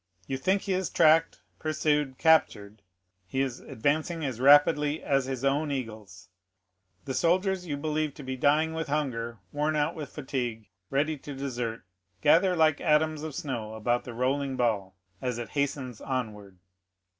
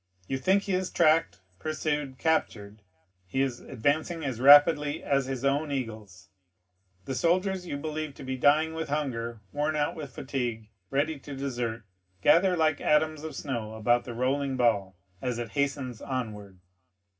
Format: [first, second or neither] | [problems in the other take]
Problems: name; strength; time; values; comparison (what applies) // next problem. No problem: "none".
first | room echo; dies away in 0.4 s